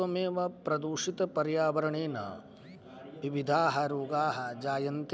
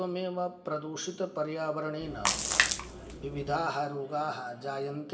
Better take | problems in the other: first | background sound (Splash, splatter); 2 dB above the speech // room echo; dies away in 0.6 s

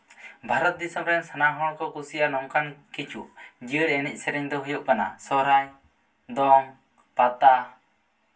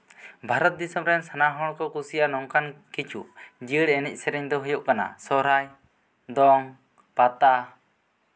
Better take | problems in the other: second | room echo; dies away in 0.2 s

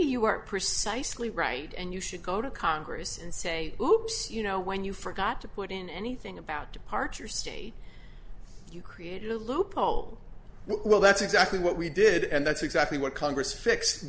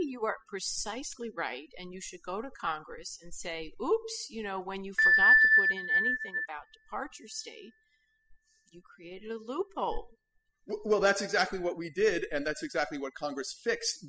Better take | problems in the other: first | noise reduction (classical method spectral subtraction)

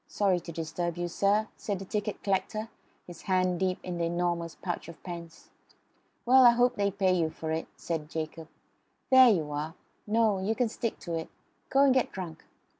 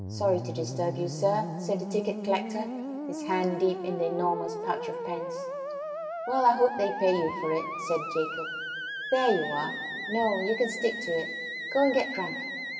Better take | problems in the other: first | background sound (Musical instrument); 6 dB below the speech // room echo; dies away in 2.3 s

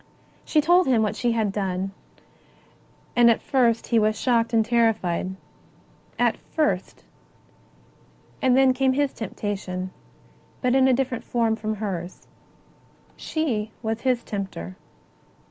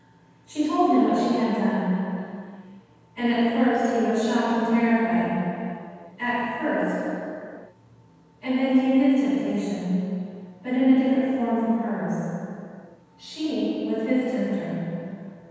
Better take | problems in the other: first | room echo; dies away in 2.1 s

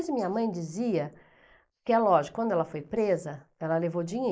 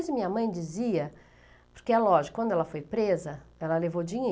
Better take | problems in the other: second | noise reduction (neural mask model Resemble Enhance denoiser)

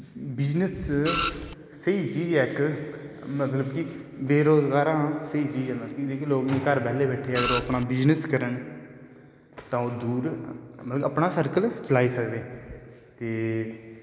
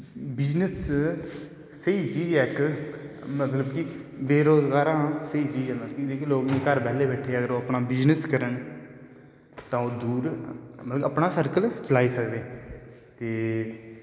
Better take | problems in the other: second | background sound (Printer); 3 dB below the speech

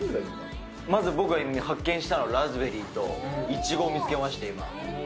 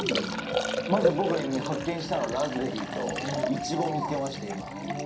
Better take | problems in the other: first | background sound (Liquid); 3 dB below the speech // room echo; dies away in 0.3 s

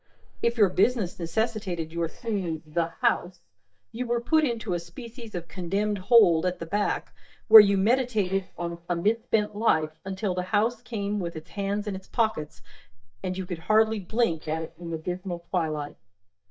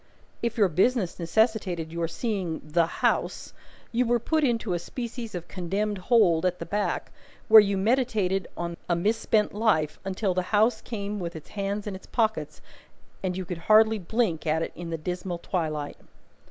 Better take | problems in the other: second | noise reduction (neural mask model DeepFilterNet 3)

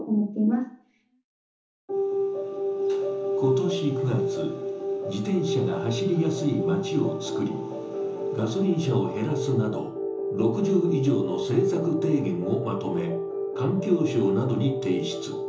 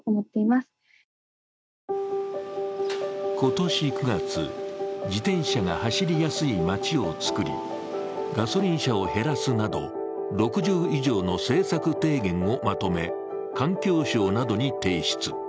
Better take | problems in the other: second | room echo; dies away in 0.7 s

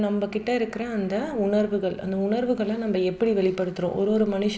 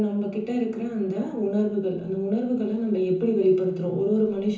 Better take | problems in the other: first | room echo; dies away in 0.6 s

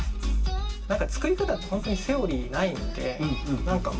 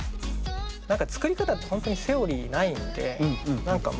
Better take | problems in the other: second | room echo; dies away in 0.2 s

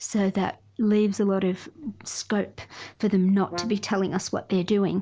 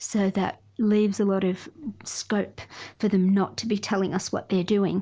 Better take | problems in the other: second | background sound (Brass instrument); 15 dB below the speech

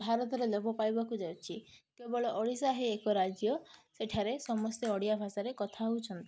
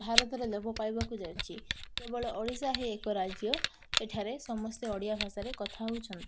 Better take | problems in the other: first | background sound (Camera); 2 dB below the speech

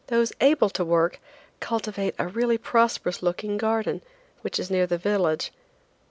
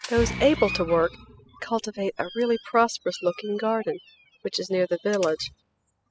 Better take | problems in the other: first | noise reduction (classical method spectral subtraction)

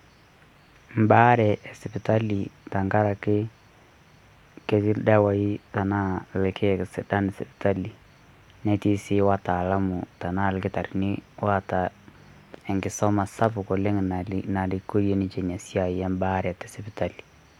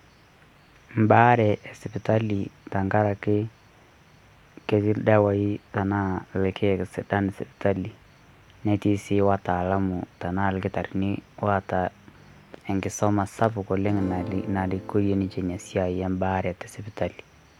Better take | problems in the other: first | background sound (Acoustic guitar / Strum); 14 dB below the speech

